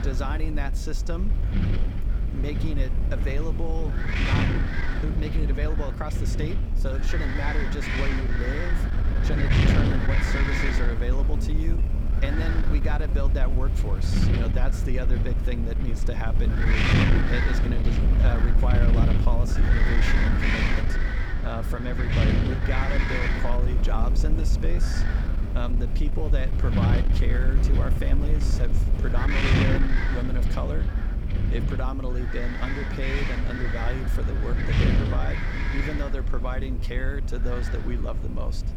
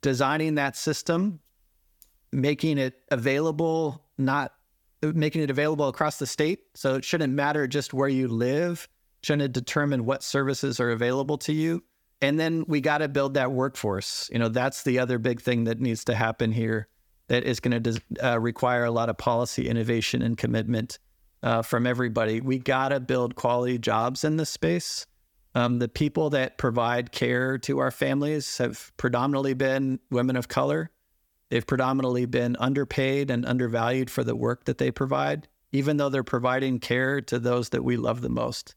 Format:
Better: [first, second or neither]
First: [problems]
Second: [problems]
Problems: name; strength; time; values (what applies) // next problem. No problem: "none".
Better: second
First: wind noise on the microphone; heavy; 3 dB above the speech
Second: none